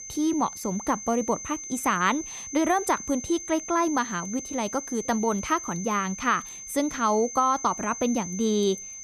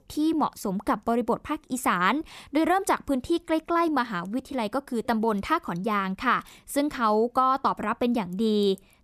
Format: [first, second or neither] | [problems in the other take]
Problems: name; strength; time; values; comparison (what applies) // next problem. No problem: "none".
second | high-pitched whine; loud; throughout; 6 kHz, 9 dB below the speech